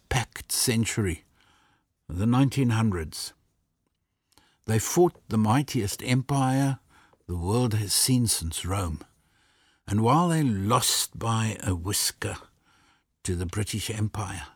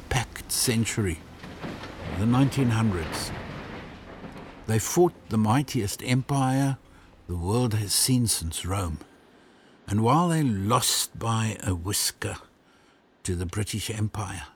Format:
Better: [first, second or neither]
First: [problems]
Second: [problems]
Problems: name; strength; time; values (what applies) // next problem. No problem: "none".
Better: first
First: none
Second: machinery noise; noticeable; throughout; 15 dB below the speech